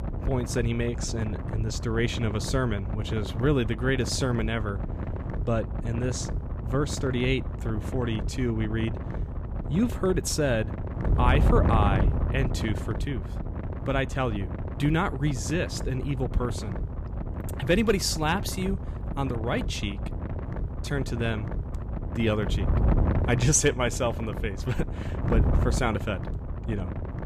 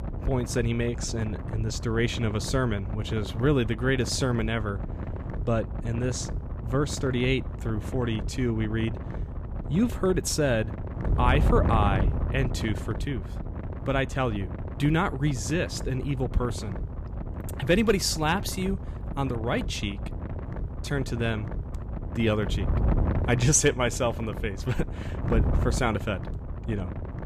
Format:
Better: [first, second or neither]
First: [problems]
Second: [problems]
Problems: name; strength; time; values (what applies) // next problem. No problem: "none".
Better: second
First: wind noise on the microphone; heavy; 9 dB below the speech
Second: wind noise on the microphone; occasional gusts; 10 dB below the speech